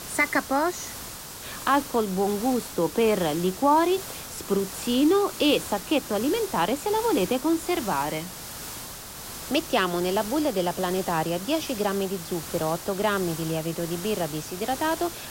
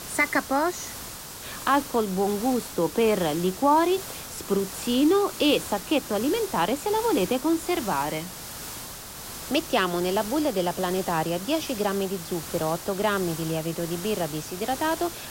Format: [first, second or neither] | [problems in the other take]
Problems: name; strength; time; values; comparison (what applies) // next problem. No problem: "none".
neither | hiss; noticeable; throughout; 10 dB below the speech; the same in both